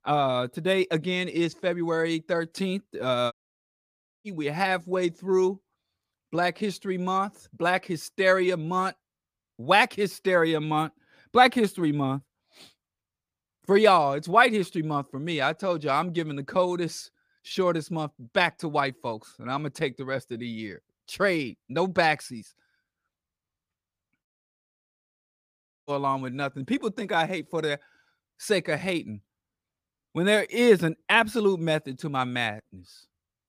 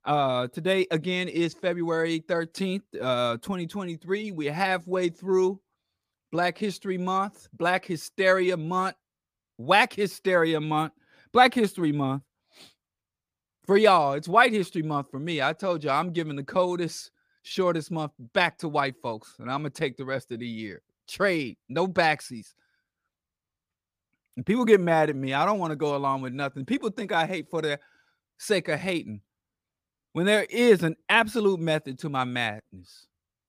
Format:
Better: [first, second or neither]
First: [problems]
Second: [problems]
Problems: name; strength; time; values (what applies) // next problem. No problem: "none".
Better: second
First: audio cutting out; at 3.5 s for 1 s and at 24 s for 1.5 s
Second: none